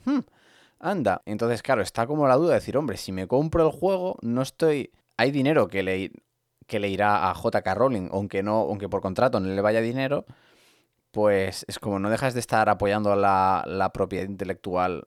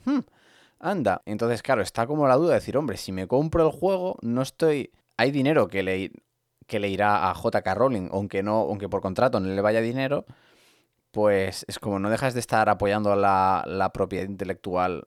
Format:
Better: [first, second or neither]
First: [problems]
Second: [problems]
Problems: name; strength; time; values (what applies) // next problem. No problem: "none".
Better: neither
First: none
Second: none